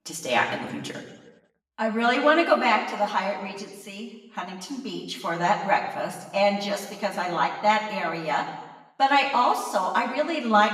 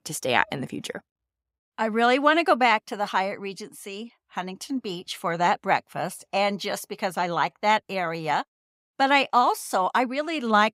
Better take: second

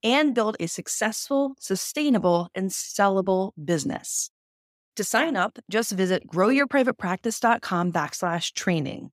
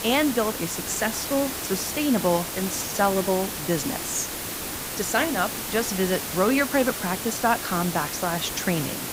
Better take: first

